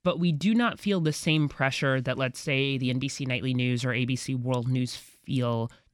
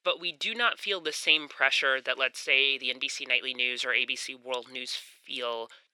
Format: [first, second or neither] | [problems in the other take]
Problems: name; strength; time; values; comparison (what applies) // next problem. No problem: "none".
first | thin; very; fading below 400 Hz